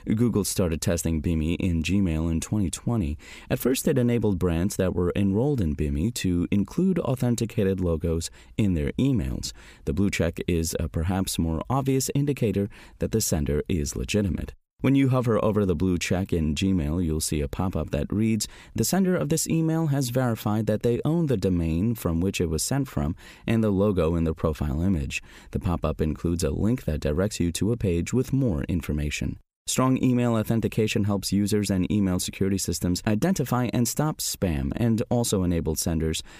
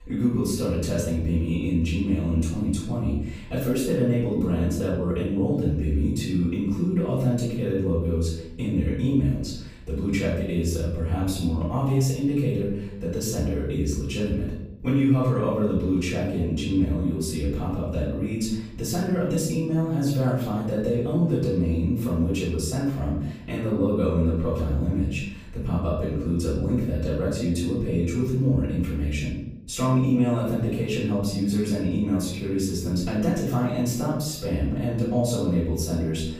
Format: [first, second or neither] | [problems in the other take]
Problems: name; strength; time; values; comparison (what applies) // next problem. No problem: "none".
first | off-mic speech; far // room echo; noticeable; dies away in 0.8 s